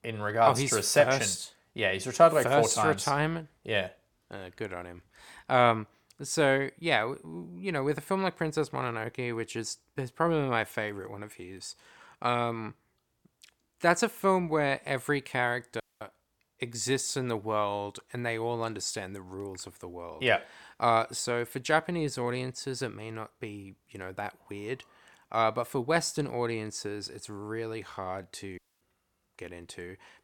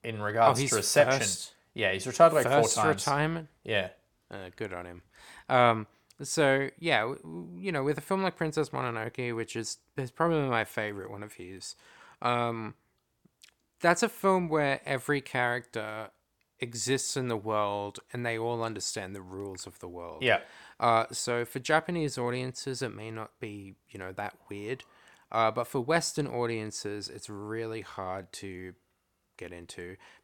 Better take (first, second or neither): second